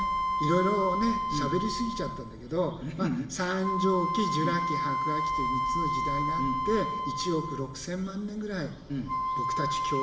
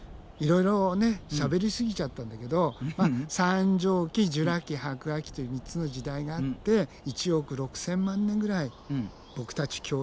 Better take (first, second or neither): second